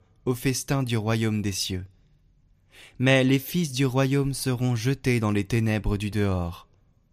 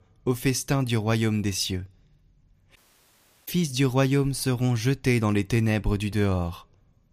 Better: first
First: none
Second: audio cutting out; at 3 s for 0.5 s

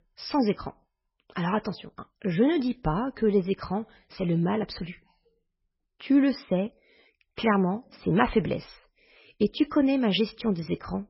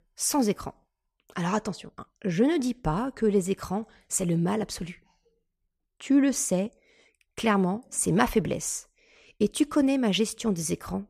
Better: second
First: garbled, watery; badly; nothing above 5.5 kHz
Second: none

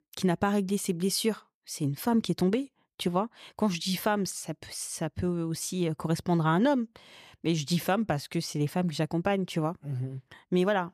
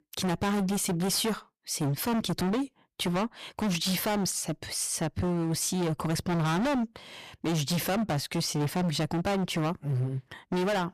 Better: first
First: none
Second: distortion; heavy; 28% of the sound clipped

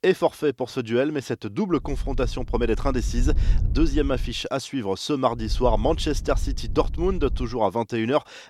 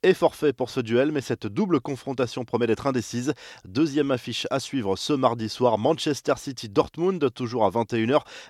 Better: second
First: wind noise on the microphone; occasional gusts; from 2 to 4.5 s and from 5.5 to 7.5 s; 20 dB below the speech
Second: none

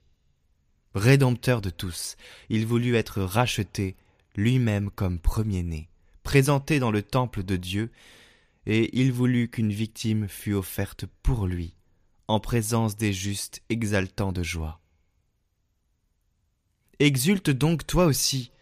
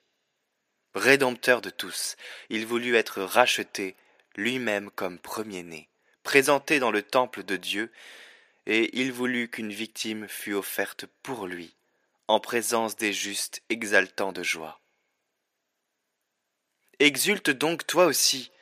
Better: first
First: none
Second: thin; very; fading below 350 Hz

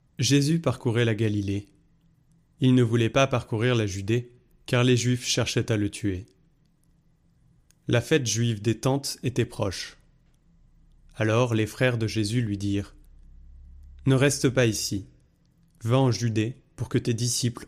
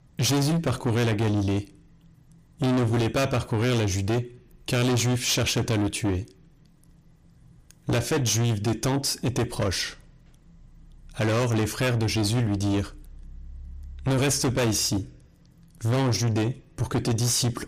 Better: first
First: none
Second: distortion; heavy; 6 dB below the speech

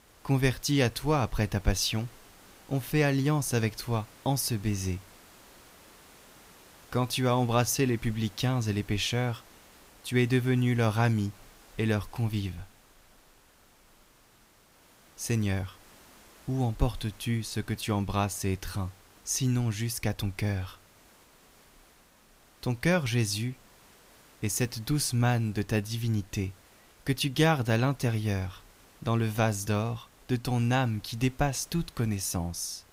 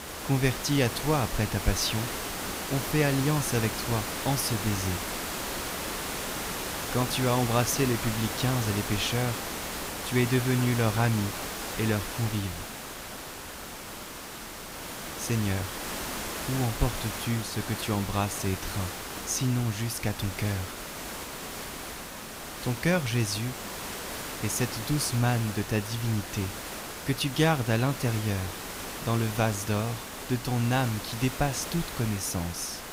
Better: first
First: hiss; faint; throughout; 25 dB below the speech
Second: hiss; loud; throughout; 6 dB below the speech

